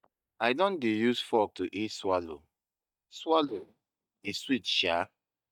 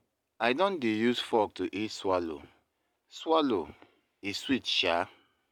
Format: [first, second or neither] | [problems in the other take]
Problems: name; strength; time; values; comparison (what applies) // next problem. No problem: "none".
second | noise reduction (neural mask model DeepFilterNet 3)